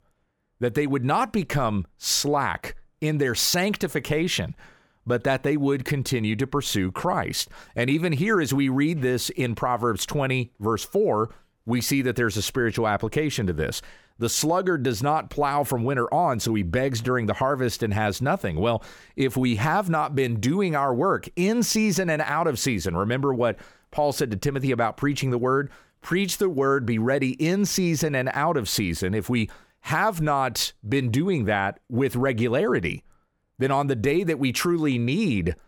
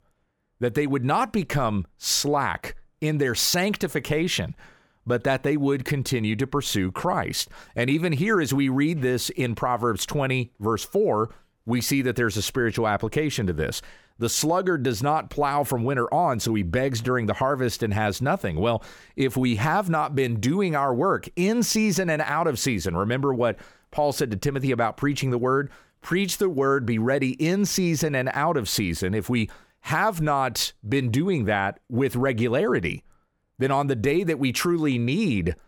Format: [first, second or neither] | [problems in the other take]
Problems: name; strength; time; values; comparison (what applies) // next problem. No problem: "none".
neither | none